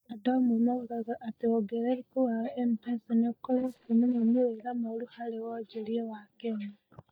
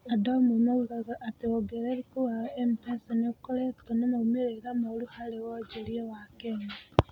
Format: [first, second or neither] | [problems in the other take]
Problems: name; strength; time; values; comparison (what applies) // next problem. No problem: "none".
second | noise reduction (neural mask model DeepFilterNet 3)